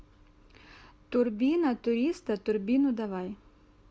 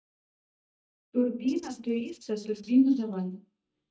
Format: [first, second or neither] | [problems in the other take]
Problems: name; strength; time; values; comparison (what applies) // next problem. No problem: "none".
first | noise reduction (neural mask model DeepFilterNet 3)